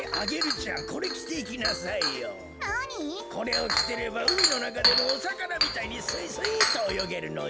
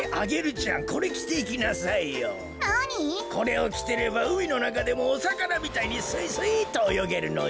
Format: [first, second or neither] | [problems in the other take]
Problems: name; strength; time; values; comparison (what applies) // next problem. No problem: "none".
second | background sound (Chink, clink); 1 dB above the speech